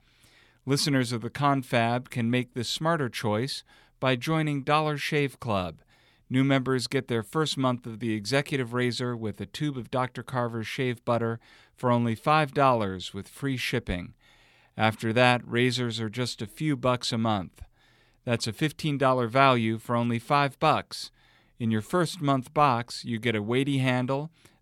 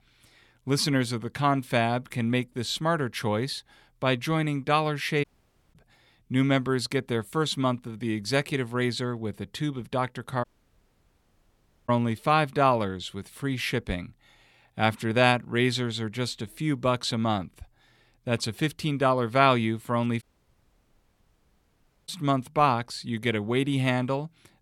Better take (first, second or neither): first